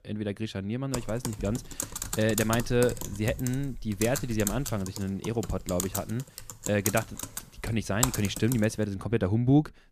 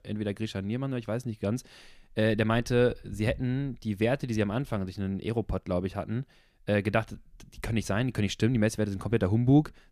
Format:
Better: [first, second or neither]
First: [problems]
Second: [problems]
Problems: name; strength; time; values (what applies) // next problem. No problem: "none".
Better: second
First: keyboard typing; loud; from 1 to 8.5 s; peak 1 dB above the speech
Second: none